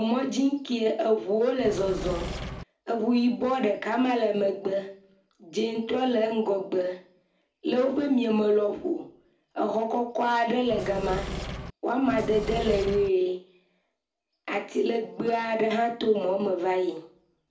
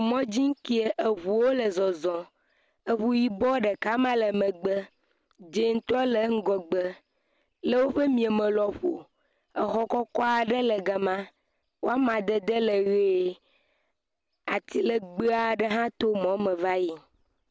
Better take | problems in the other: second | background sound (Engine / Mechanisms); 7 dB below the speech // room echo; dies away in 0.4 s

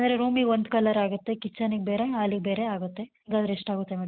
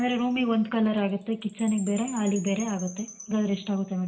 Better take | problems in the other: first | background sound (Chime); 18 dB below the speech // room echo; dies away in 0.6 s

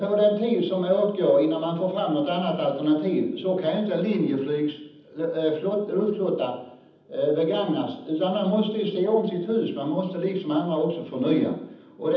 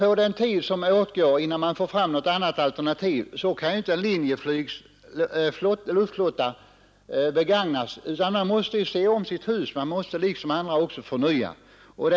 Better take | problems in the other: second | room echo; dies away in 0.8 s

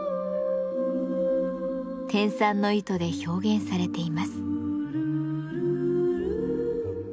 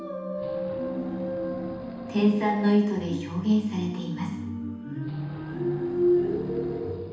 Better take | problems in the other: first | background sound (Wild animals); 18 dB below the speech // room echo; dies away in 0.8 s

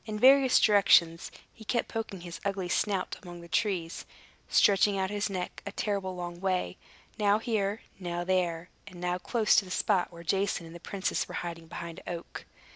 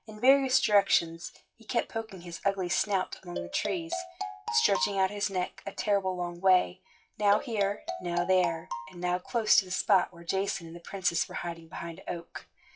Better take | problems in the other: first | noise reduction (classical method WPE with log-MMSE)

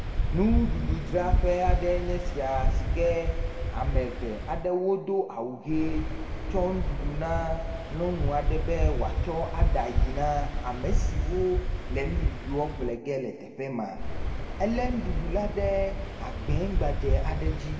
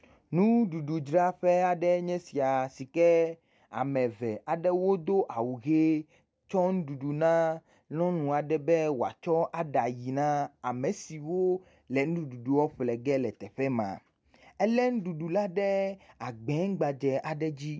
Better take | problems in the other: second | background sound (Waves, surf); 2 dB above the speech // room echo; dies away in 1.9 s

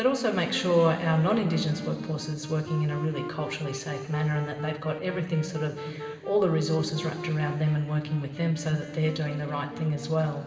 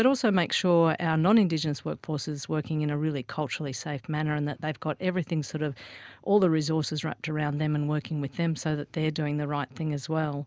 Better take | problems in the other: second | background sound (Wind instrument, woodwind instrument); 13 dB below the speech // room echo; dies away in 2.4 s

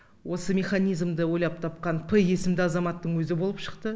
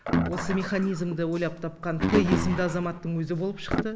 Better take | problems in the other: first | background sound (Guitar); 2 dB below the speech

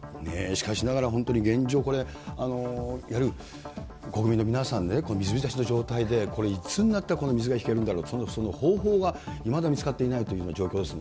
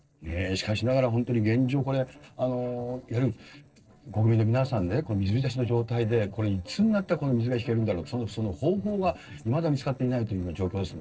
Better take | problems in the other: first | noise reduction (neural separator model SepFormer DNS4)

